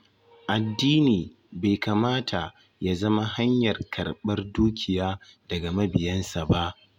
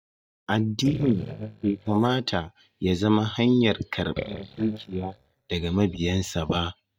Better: first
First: none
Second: noise reduction (neural mask model DeepFilterNet 3)

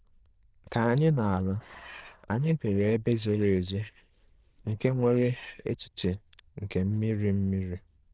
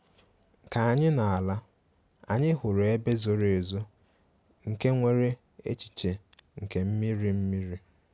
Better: second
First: noise reduction (neural diffusion model UNIVERSE++)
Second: none

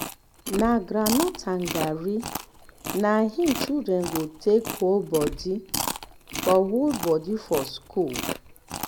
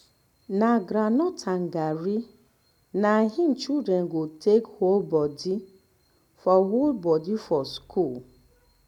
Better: second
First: background sound (Chewing, mastication); 8 dB below the speech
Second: none

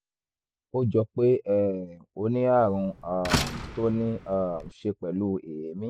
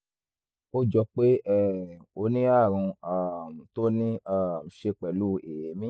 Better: second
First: background sound (Slam); 6 dB below the speech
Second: none

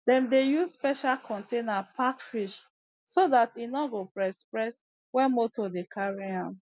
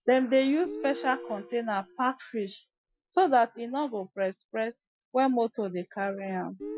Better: first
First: none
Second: noise reduction (classical method Wiener filter)

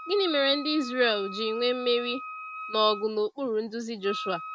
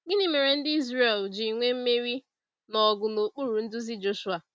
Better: second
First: background sound (Wind instrument, woodwind instrument); 12 dB below the speech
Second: none

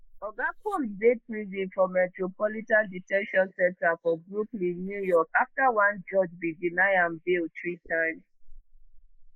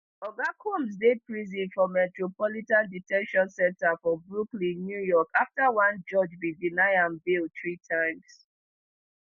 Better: second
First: noise reduction (neural mask model Resemble Enhance denoiser)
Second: none

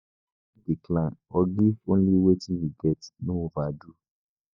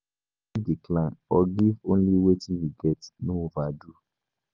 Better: second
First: noise reduction (neural mask model DeepFilterNet 3)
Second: none

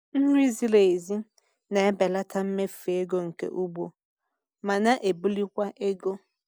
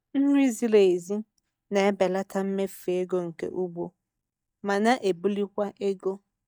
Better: first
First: none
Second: noise reduction (neural mask model DeepFilterNet 3)

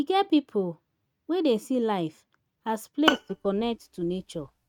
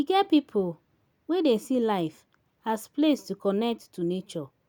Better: second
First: noise reduction (neural mask model RNNoise)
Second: none

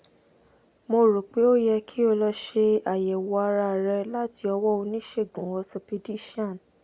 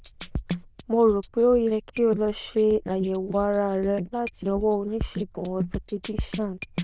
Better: first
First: none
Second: noise reduction (neural diffusion model UNIVERSE++)

